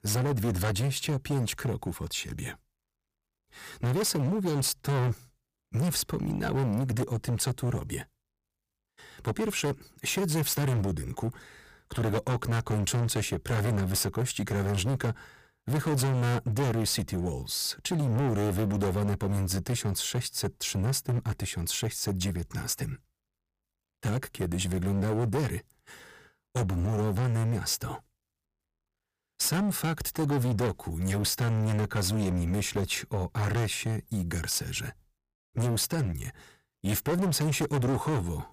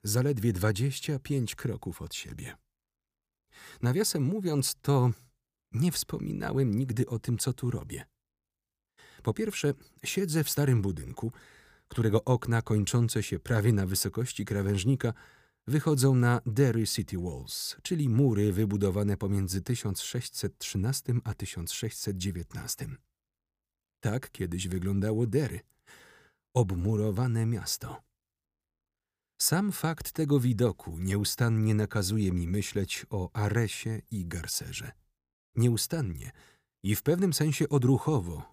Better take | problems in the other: second | distortion; heavy; 19% of the sound clipped

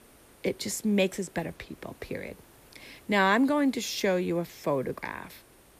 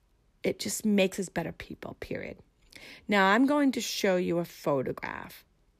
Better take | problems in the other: second | hiss; faint; throughout; 25 dB below the speech

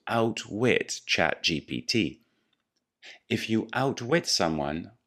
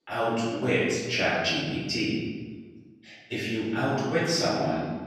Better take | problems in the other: first | room echo; strong; dies away in 1.3 s // off-mic speech; far

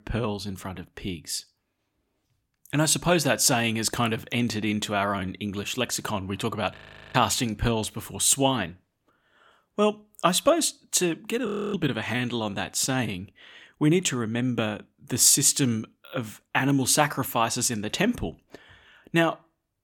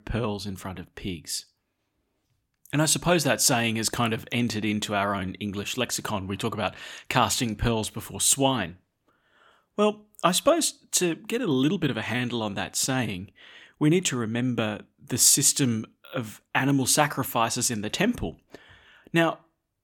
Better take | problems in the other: second | audio freezing; at 7 s and at 11 s

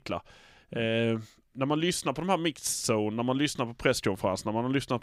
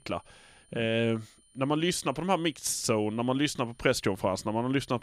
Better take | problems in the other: first | high-pitched whine; faint; throughout; 9 kHz, 30 dB below the speech

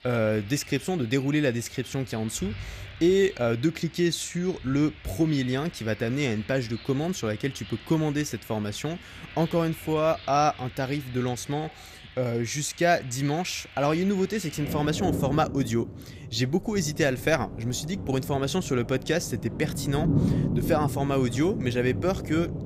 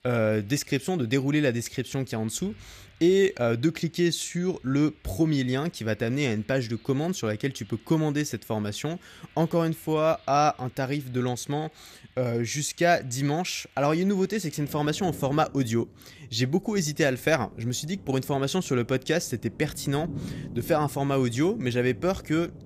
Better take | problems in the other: second | rain or running water; loud; throughout; 8 dB below the speech; faint in the second

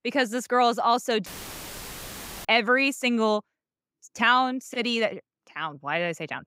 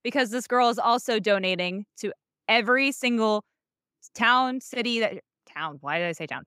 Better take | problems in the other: second | audio cutting out; filled with static; at 1.5 s for 1 s

